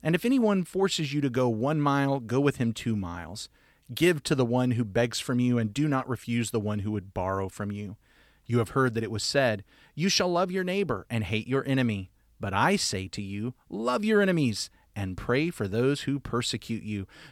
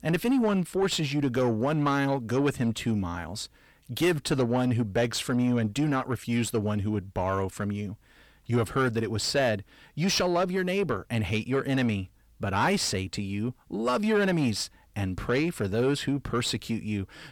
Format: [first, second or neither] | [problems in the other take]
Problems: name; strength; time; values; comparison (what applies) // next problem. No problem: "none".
first | distortion; slight; 10 dB below the speech